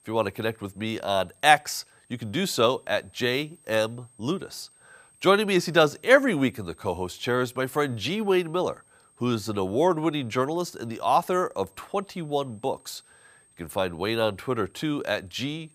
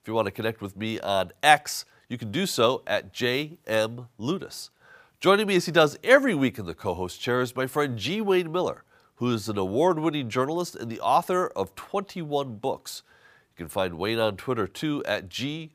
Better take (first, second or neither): second